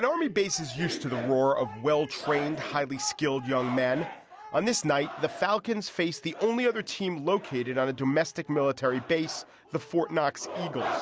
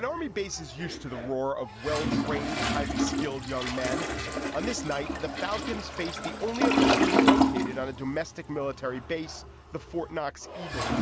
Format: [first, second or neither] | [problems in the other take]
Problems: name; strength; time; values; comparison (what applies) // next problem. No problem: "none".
first | background sound (Toilet flush); 4 dB above the speech